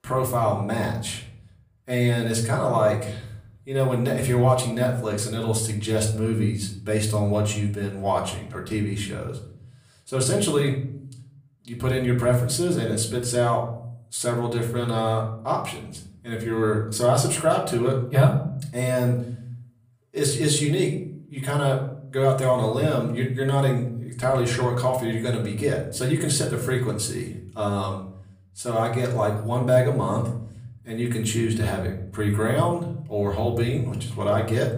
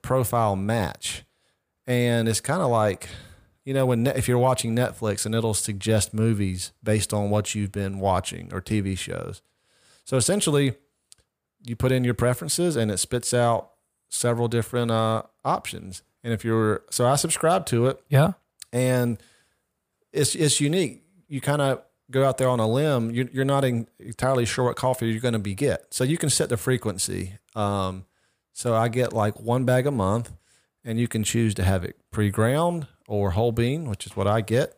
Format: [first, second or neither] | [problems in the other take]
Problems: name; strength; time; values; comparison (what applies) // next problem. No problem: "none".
second | off-mic speech; far // room echo; slight; dies away in 0.6 s